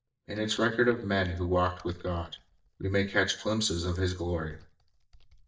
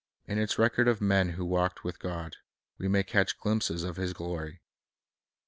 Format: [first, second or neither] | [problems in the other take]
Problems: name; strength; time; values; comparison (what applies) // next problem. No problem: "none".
second | noise reduction (neural mask model DeepFilterNet 3)